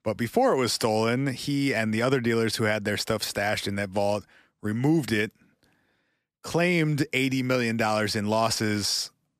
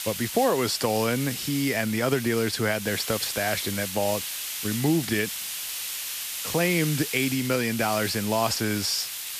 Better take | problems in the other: first | hiss; loud; throughout; 5 dB below the speech

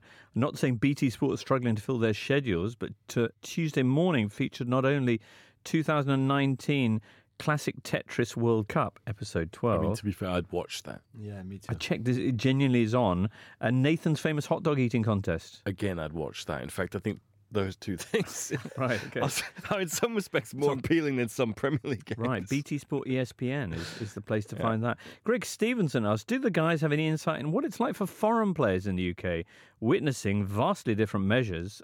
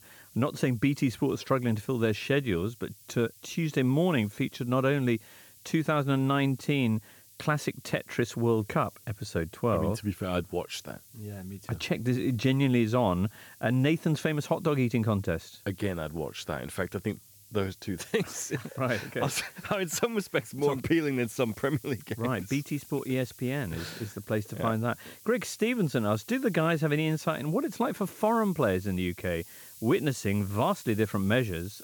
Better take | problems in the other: first | hiss; faint; throughout; 20 dB below the speech

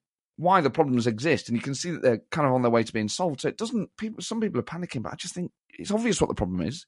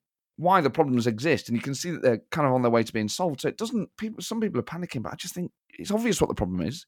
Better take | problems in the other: second | garbled, watery; slightly; nothing above 11 kHz

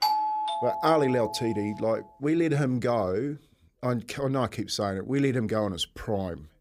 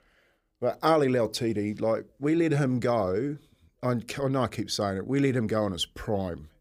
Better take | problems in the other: second | doorbell; loud; until 1.5 s; peak 3 dB above the speech

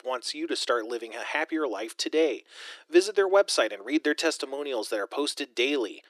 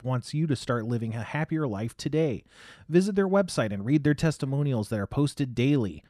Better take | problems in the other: second | thin; very; fading below 350 Hz

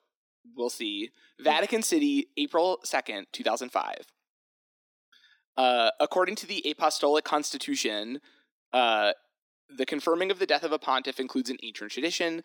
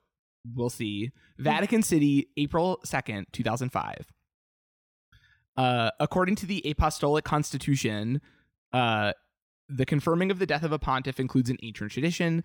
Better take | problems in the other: second | thin; somewhat; fading below 250 Hz

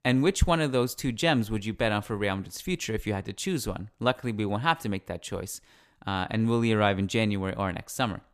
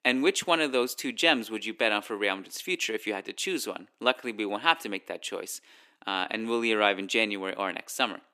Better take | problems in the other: first | thin; somewhat; fading below 300 Hz

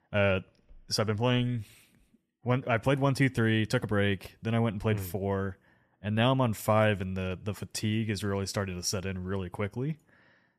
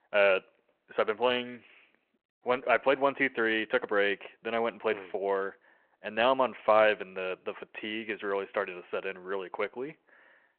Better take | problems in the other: first | phone-call audio

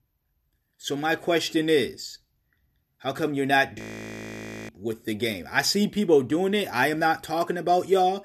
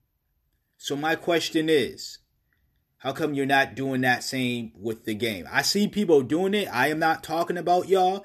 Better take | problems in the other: second | audio freezing; at 4 s for 1 s

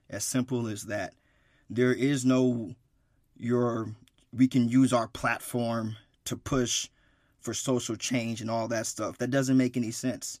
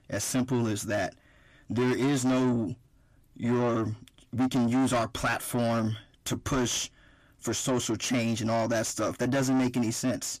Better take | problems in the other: first | distortion; heavy; 7 dB below the speech

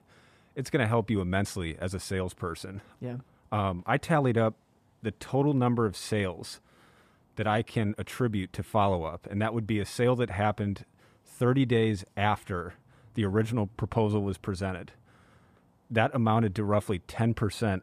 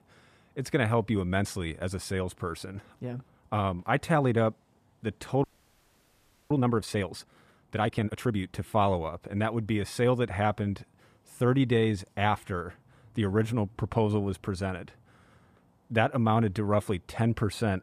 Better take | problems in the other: first | audio freezing; at 5.5 s for 1 s

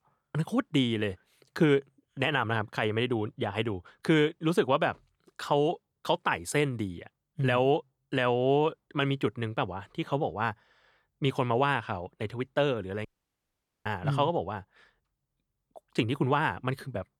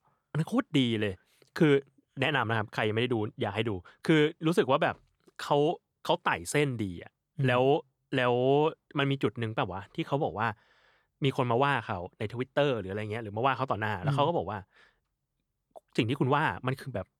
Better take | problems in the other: second | audio cutting out; at 13 s for 1 s

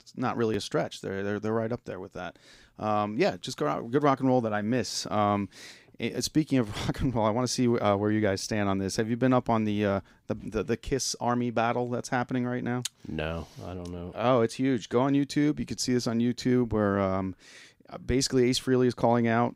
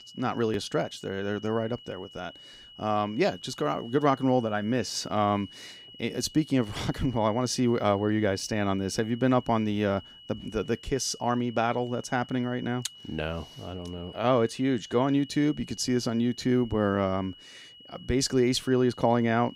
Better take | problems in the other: first | high-pitched whine; noticeable; throughout; 3 kHz, 20 dB below the speech

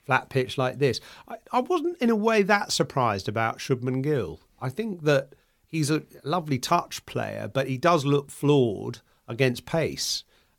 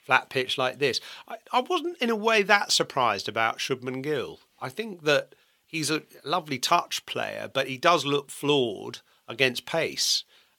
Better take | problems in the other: first | thin; somewhat; fading below 550 Hz

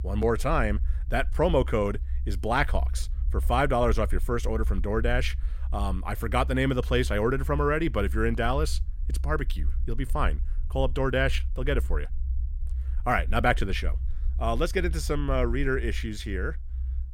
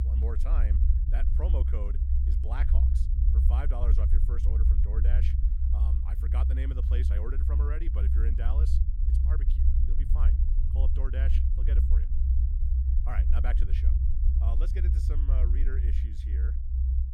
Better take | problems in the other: first | low rumble; loud; throughout; 1 dB below the speech; faint in the first

